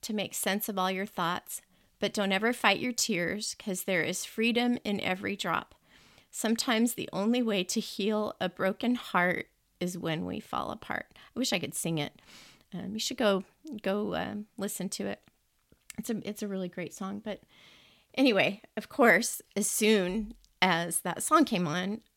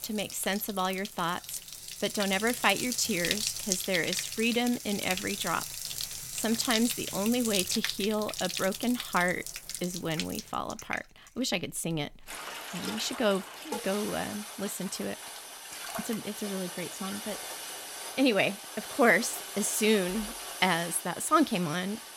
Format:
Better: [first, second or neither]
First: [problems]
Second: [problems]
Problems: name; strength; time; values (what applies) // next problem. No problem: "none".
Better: first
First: none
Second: household noises; loud; throughout; 6 dB below the speech